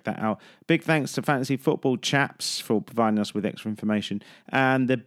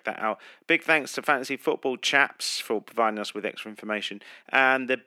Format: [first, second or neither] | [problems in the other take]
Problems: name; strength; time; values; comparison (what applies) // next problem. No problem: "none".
first | thin; somewhat; fading below 450 Hz